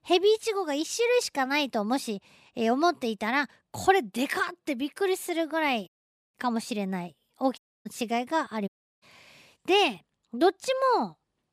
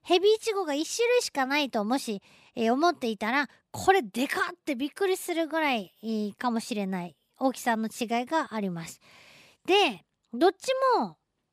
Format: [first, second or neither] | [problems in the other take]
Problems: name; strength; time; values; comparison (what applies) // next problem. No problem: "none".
second | audio cutting out; at 6 s, at 7.5 s and at 8.5 s